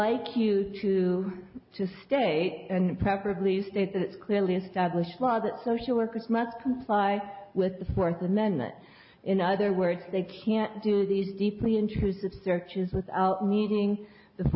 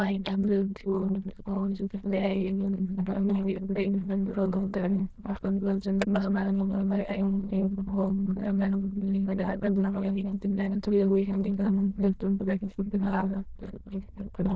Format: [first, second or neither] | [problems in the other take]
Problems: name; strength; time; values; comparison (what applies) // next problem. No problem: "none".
first | noise reduction (neural diffusion model UNIVERSE++)